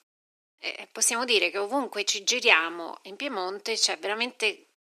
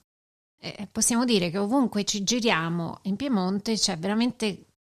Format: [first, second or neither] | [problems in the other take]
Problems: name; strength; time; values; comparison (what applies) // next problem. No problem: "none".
second | thin; very; fading below 300 Hz